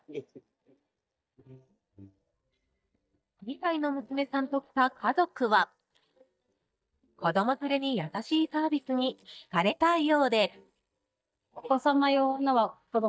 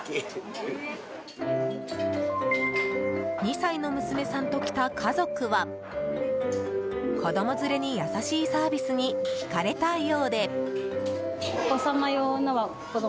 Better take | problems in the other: second | noise reduction (neural mask model DeepFilterNet 3)

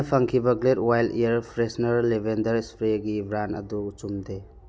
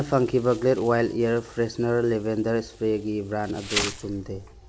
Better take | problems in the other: first | background sound (Insect); 13 dB below the speech

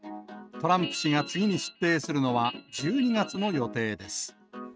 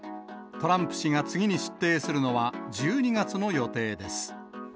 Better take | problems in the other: second | noise reduction (neural mask model RNNoise)

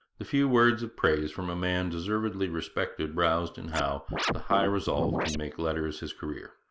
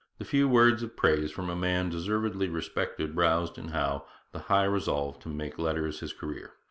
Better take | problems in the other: second | noise reduction (neural mask model Resemble Enhance denoiser)

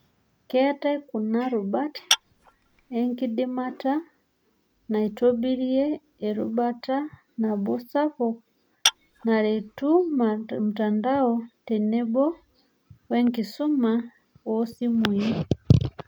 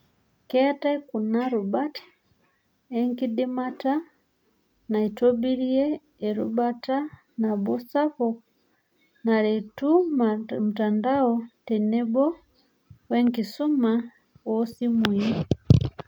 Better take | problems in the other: second | background sound (Tap / Glass); 4 dB below the speech

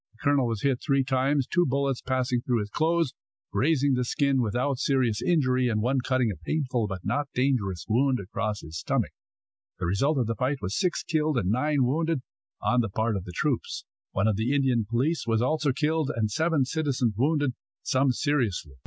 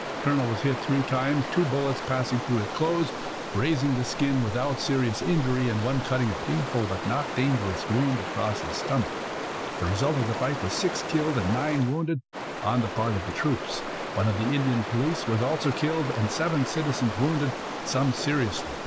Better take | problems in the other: first | background sound (Stream); 6 dB below the speech

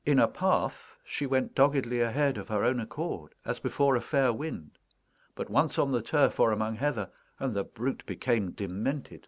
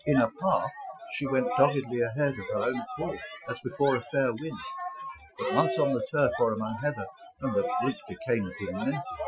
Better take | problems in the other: first | noise reduction (classical method Wiener filter)

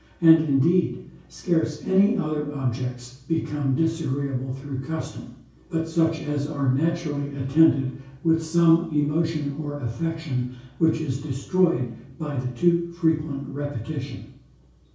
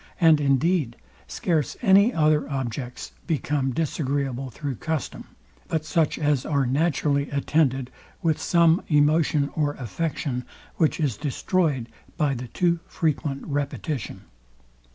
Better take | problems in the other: second | room echo; dies away in 0.6 s

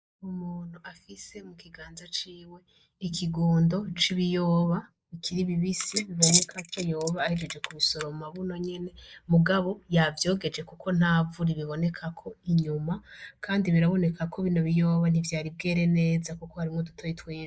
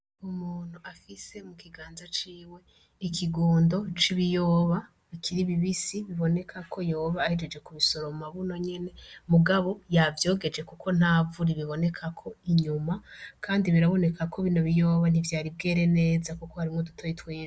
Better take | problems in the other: second | noise reduction (neural mask model Resemble Enhance denoiser)

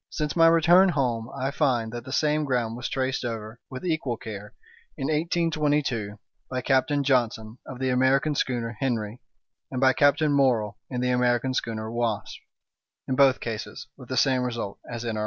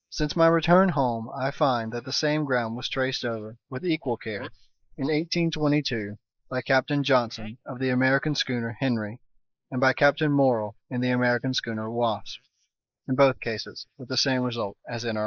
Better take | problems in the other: first | noise reduction (neural mask model Resemble Enhance denoiser)

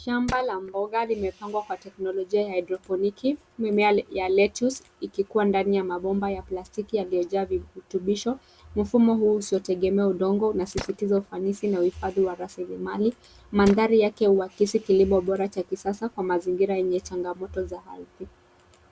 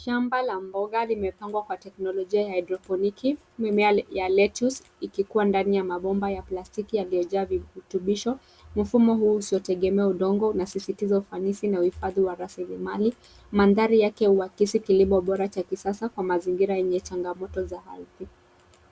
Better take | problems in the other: second | background sound (Tools); 18 dB below the speech

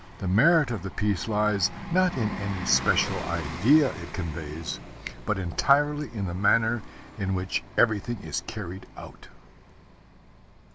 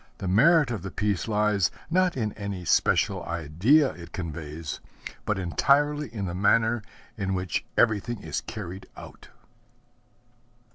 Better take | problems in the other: second | background sound (Bus); 12 dB below the speech

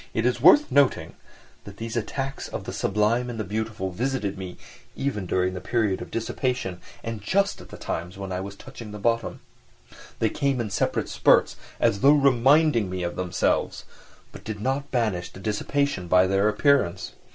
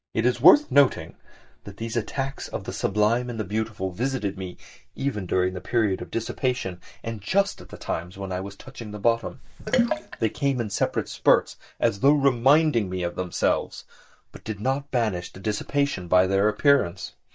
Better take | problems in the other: first | noise reduction (neural mask model DeepFilterNet 3)

